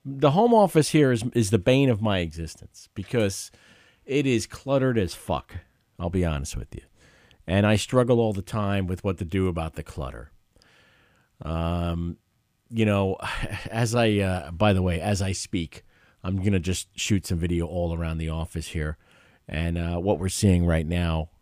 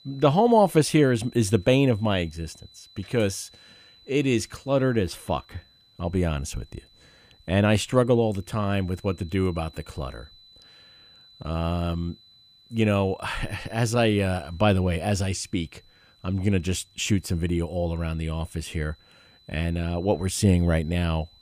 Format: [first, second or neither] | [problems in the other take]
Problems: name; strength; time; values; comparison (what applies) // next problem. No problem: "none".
first | high-pitched whine; faint; throughout; 4 kHz, 30 dB below the speech